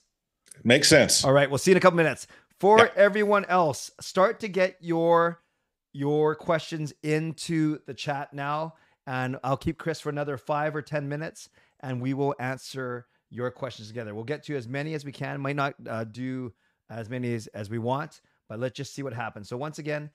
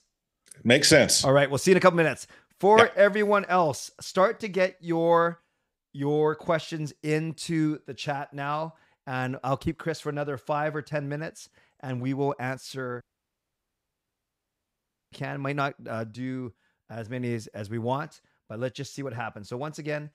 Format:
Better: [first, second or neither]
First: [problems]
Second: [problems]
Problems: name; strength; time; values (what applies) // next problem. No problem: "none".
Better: first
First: none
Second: audio cutting out; at 13 s for 2 s